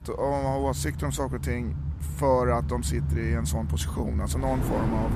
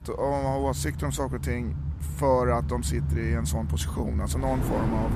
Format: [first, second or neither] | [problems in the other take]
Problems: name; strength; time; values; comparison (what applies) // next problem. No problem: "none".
neither | traffic noise; loud; throughout; 1 dB below the speech; the same in both